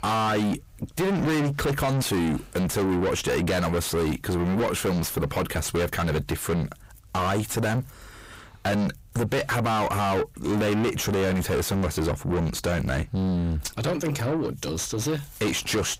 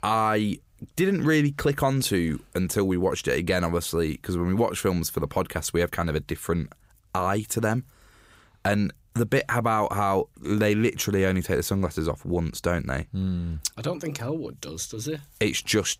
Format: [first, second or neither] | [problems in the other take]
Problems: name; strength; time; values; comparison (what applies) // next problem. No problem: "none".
second | distortion; heavy; 5 dB below the speech